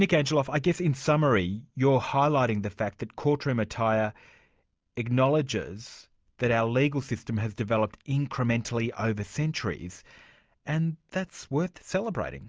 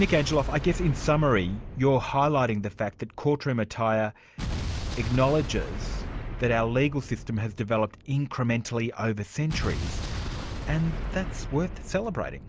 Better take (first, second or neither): first